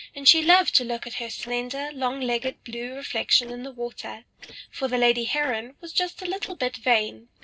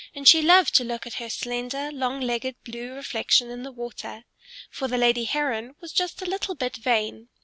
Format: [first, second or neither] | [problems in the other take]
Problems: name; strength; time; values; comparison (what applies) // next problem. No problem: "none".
second | noise reduction (neural separator model SepFormer DNS4)